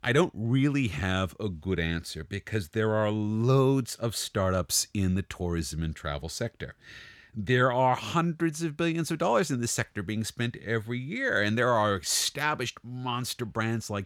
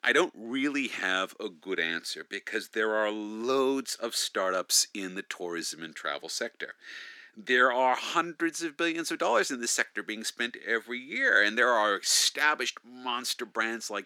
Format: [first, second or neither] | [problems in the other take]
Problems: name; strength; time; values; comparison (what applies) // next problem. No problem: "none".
first | thin; somewhat; fading below 250 Hz